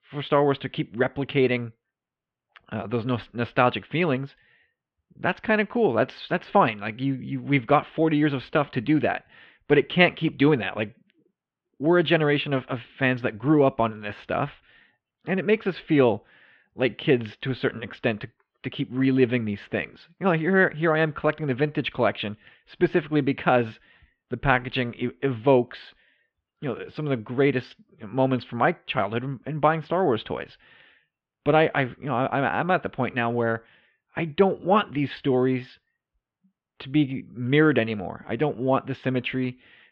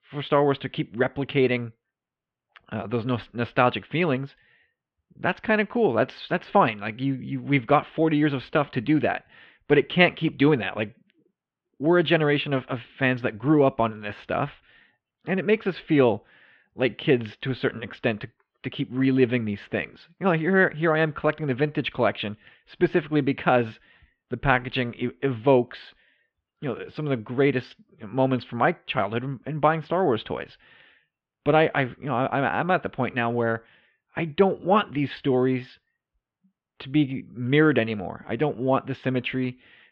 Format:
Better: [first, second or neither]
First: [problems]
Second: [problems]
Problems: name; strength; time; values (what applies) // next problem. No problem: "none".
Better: neither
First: muffled; very; fading above 3 kHz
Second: muffled; very; fading above 3 kHz